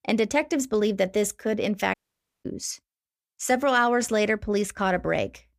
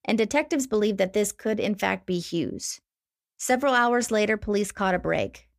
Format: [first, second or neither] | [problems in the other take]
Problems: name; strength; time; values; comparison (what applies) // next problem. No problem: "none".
second | audio cutting out; at 2 s for 0.5 s